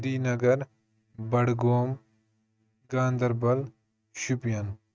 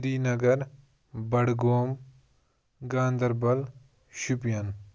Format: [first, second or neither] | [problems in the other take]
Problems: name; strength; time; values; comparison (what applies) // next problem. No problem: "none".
second | noise reduction (neural mask model RNNoise)